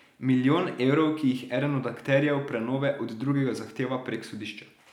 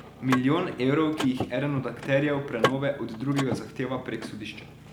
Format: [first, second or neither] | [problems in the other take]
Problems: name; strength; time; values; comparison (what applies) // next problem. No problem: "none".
first | background sound (Mechanisms / Car); 7 dB below the speech